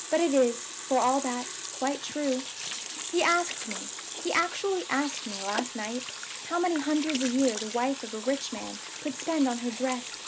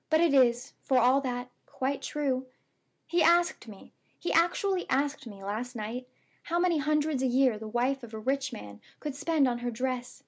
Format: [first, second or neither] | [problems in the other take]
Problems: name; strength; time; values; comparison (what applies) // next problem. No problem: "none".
second | background sound (Sink (filling or washing) / Water tap, faucet); 8 dB below the speech